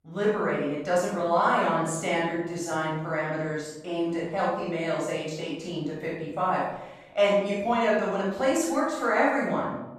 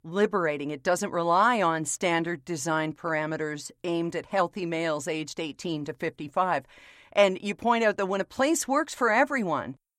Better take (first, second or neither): second